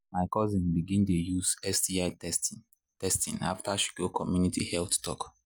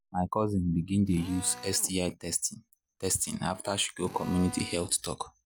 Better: first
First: none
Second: background sound (Drill); 19 dB below the speech

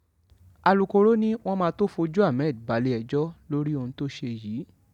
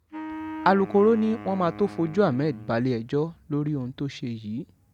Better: first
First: none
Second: background sound (Wind instrument, woodwind instrument); 14 dB below the speech

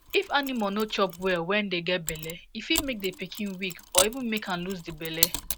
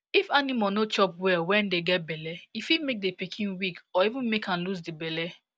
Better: second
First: background sound (Mechanisms); 5 dB below the speech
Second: none

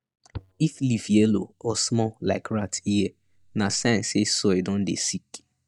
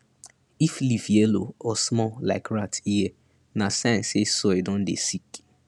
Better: second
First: noise reduction (neural mask model DeepFilterNet 3)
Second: none

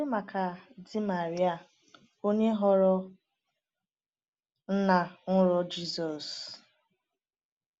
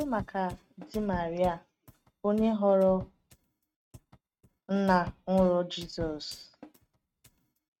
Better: first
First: none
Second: noise reduction (neural mask model RNNoise)

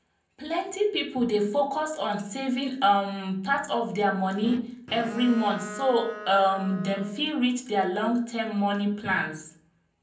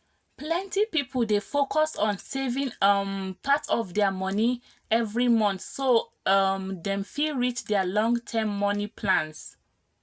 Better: second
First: background sound (Bowed string instrument); 14 dB below the speech // room echo; dies away in 0.6 s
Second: none

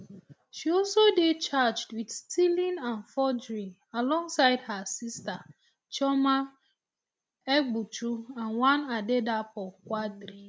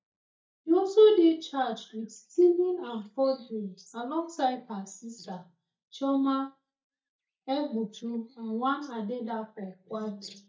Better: first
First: none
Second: noise reduction (neural mask model DeepFilterNet 3)

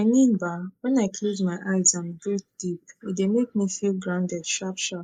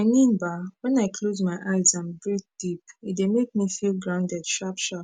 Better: second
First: noise reduction (neural mask model Resemble Enhance denoiser)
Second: none

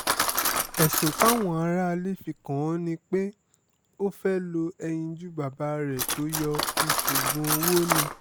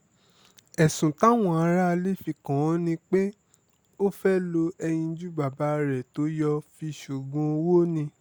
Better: second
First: background sound (Cutlery, silverware); 1 dB below the speech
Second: none

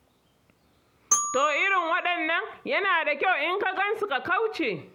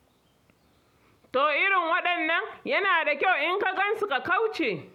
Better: second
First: background sound (Glockenspiel); 7 dB below the speech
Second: none

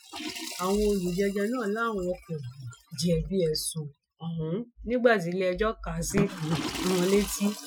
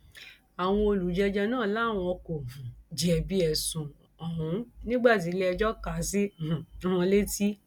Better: second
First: noise reduction (classical method Wiener filter)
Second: none

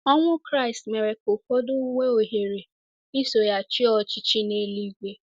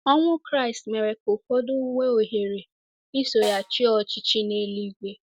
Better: first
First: none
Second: background sound (Snare drum); 14 dB below the speech

